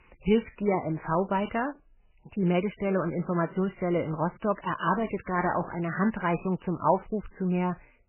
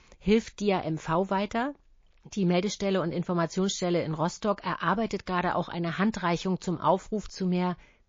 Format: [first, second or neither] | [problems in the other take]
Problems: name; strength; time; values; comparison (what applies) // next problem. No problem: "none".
second | garbled, watery; badly; nothing above 3 kHz; slightly in the second